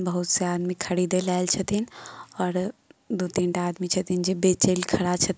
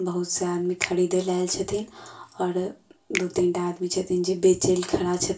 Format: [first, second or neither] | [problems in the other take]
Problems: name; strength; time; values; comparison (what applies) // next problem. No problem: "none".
first | background sound (Finger snapping); 15 dB below the speech // room echo; dies away in 0.2 s